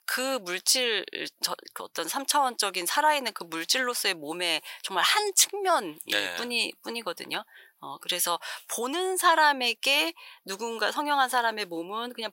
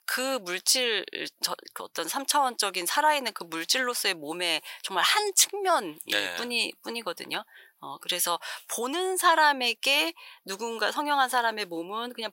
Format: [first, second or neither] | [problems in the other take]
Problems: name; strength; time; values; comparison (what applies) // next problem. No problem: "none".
neither | thin; very; fading below 950 Hz; the same in both